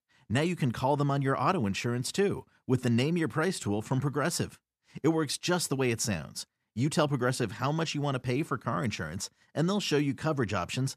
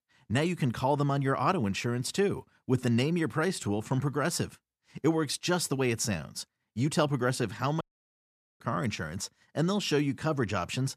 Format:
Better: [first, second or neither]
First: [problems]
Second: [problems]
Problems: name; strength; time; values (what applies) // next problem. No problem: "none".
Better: first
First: none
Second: audio cutting out; at 8 s for 1 s